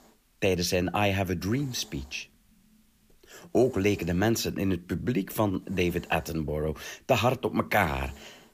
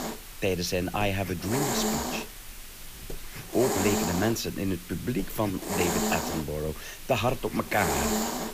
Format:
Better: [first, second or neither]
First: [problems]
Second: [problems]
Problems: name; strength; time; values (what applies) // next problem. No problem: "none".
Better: first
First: hiss; faint; throughout; 30 dB below the speech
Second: hiss; loud; throughout; 2 dB below the speech